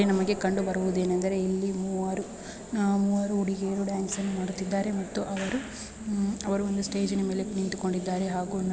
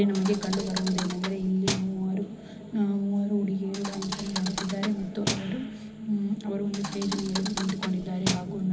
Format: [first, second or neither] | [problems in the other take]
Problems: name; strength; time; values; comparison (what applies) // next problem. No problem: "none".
first | background sound (Thump, thud); 6 dB below the speech // room echo; dies away in 0.4 s